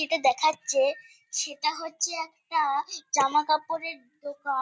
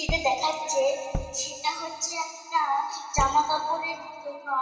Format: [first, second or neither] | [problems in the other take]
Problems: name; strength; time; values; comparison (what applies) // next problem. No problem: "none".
first | background sound (Tap / Bass drum); 9 dB below the speech // room echo; dies away in 2.5 s